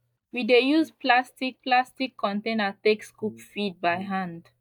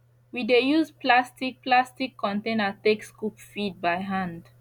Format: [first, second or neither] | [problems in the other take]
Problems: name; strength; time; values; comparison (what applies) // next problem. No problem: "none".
second | noise reduction (neural mask model DeepFilterNet 3)